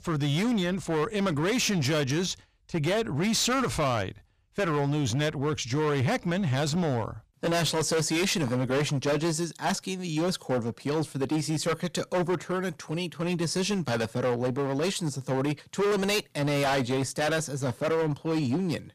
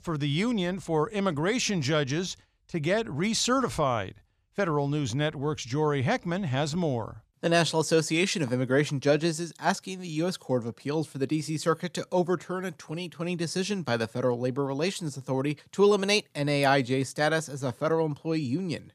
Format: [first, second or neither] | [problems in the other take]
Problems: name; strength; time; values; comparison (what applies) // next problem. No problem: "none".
second | distortion; heavy; 19% of the sound clipped